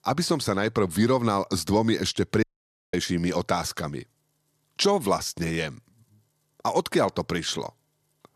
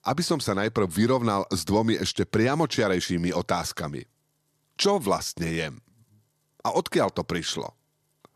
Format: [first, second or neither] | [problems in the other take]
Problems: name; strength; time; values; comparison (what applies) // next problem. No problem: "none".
second | audio cutting out; at 2.5 s for 0.5 s